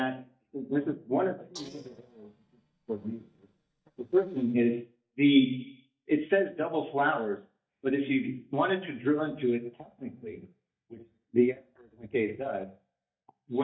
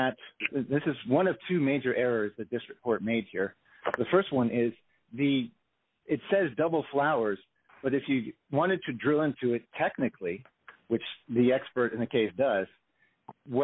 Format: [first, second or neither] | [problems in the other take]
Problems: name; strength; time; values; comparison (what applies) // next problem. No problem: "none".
second | noise reduction (neural mask model DeepFilterNet 3)